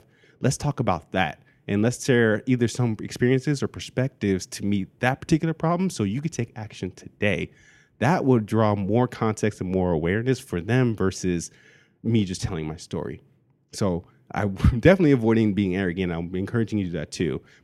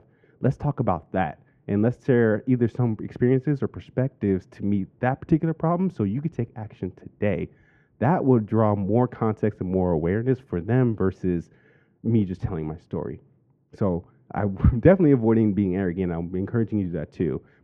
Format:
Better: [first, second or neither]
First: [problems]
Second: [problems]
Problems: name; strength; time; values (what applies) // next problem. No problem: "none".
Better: first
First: none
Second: muffled; very; fading above 3 kHz